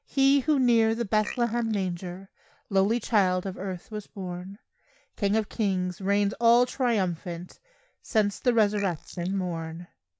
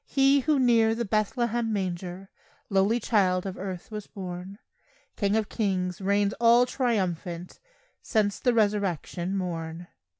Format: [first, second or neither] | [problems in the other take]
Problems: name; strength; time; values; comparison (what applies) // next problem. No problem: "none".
second | noise reduction (neural mask model Resemble Enhance denoiser)